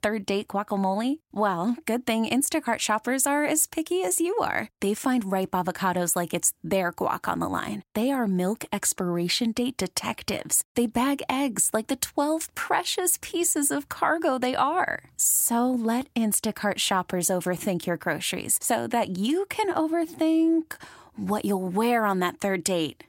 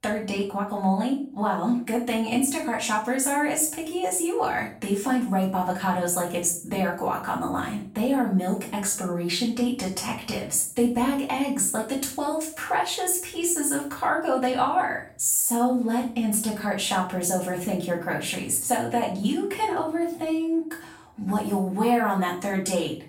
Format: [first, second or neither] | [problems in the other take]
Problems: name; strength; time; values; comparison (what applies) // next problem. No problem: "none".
first | room echo; slight; dies away in 0.4 s // off-mic speech; far